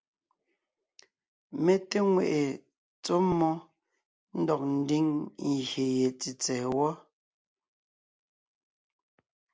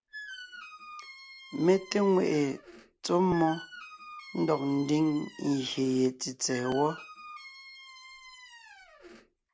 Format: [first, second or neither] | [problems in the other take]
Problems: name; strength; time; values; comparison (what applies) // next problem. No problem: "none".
first | background sound (Squeak); 17 dB below the speech